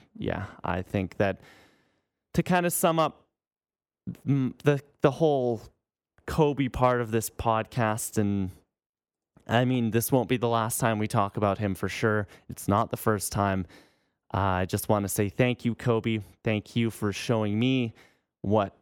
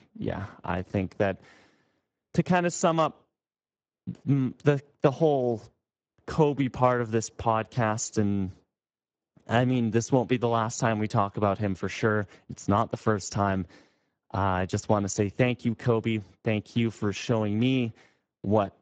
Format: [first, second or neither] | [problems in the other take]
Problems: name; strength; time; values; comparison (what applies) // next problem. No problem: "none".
first | garbled, watery; badly; nothing above 7.5 kHz